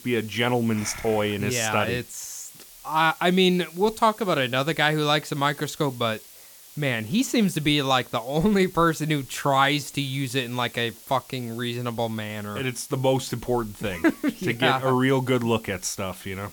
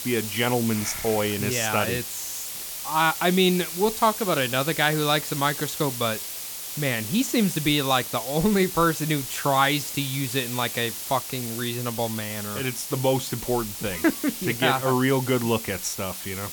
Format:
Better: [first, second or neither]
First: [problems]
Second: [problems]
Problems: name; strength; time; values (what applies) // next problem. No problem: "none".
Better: first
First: hiss; faint; throughout; 20 dB below the speech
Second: hiss; loud; throughout; 7 dB below the speech